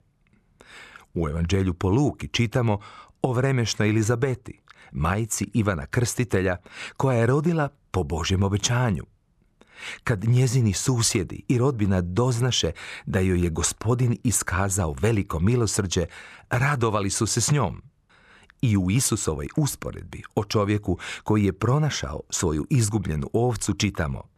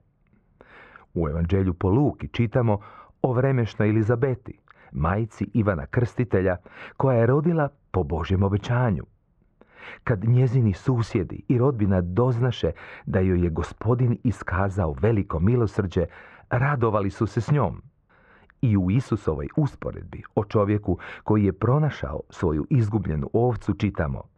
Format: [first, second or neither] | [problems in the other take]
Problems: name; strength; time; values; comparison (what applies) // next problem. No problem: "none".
first | muffled; very; fading above 1.5 kHz